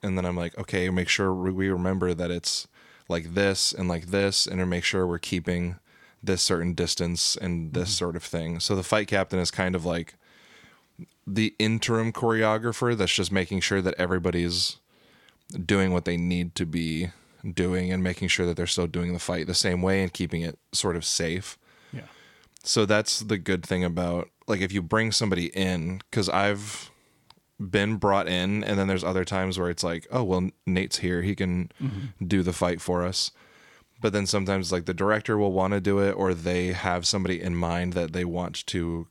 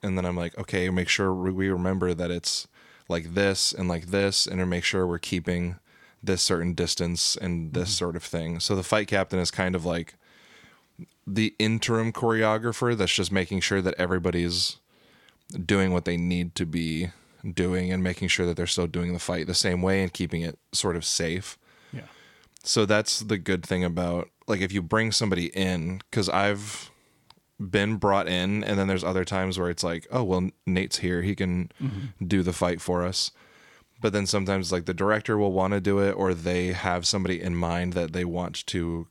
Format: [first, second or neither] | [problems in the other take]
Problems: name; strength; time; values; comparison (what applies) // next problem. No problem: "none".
neither | none